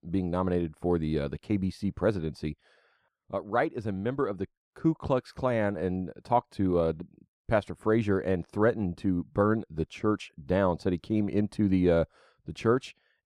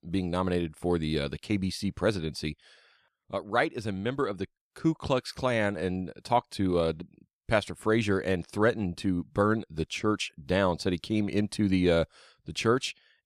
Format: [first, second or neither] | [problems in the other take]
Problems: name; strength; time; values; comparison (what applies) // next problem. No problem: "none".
second | muffled; slightly; fading above 2 kHz